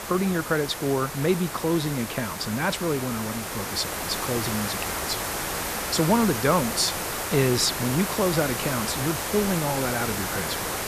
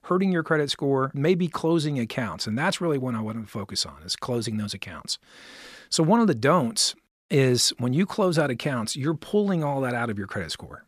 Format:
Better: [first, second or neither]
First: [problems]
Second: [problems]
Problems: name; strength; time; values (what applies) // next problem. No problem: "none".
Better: second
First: hiss; loud; throughout; 3 dB below the speech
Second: none